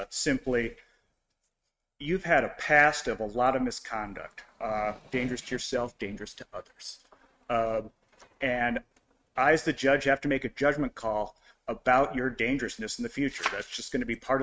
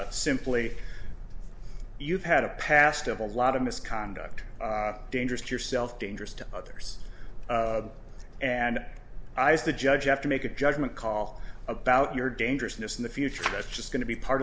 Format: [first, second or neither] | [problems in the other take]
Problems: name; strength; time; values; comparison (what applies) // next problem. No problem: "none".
second | noise reduction (neural mask model RNNoise)